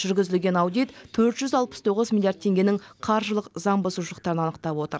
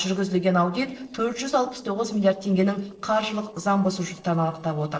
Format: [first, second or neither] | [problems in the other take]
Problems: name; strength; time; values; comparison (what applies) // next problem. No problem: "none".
first | noise reduction (neural separator model SepFormer DNS4)